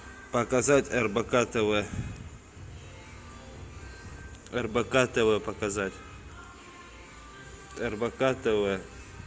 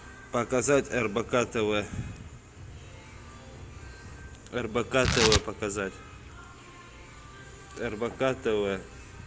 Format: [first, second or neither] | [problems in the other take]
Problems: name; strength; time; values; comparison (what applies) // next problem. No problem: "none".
first | background sound (Tearing); 7 dB below the speech